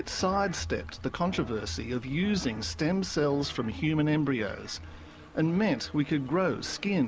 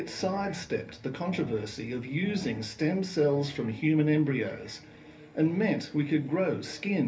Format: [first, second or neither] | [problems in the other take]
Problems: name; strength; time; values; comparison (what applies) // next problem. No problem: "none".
first | room echo; dies away in 0.3 s